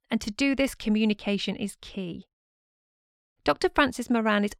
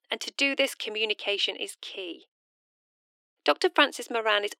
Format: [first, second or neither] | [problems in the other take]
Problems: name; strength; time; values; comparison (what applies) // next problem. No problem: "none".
first | thin; somewhat; fading below 300 Hz